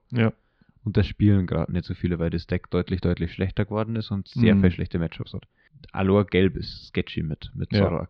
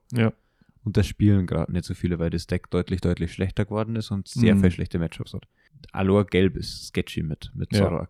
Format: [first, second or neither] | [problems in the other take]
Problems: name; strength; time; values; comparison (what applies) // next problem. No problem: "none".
second | muffled; very slightly; fading above 4 kHz